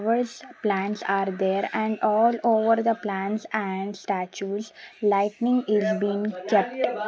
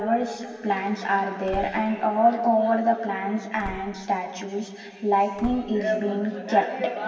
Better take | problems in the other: first | background sound (Slam / Wood); 18 dB below the speech // room echo; dies away in 2.6 s

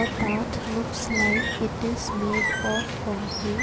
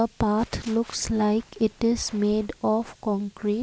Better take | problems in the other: second | background sound (Bird); 1 dB above the speech

